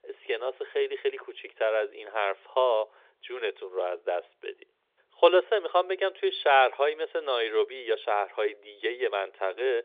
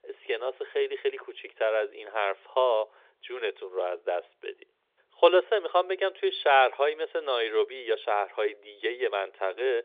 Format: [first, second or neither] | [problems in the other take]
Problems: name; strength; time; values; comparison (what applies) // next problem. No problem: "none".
neither | phone-call audio; nothing above 3.5 kHz; the same in both